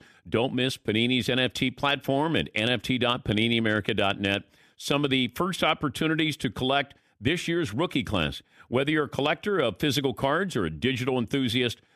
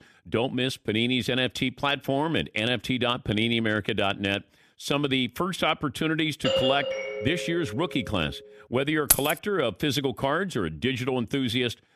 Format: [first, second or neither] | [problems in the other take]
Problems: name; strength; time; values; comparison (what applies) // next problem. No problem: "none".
first | doorbell; loud; from 6.5 to 8 s; peak 1 dB above the speech // jangling keys; loud; at 9 s; peak 5 dB above the speech